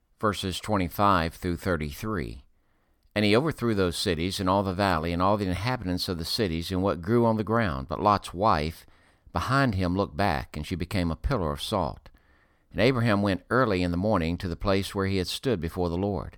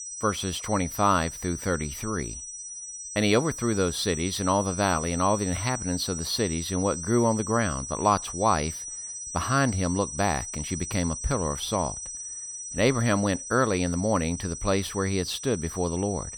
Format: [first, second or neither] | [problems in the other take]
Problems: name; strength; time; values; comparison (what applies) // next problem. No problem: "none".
first | high-pitched whine; loud; throughout; 6 kHz, 8 dB below the speech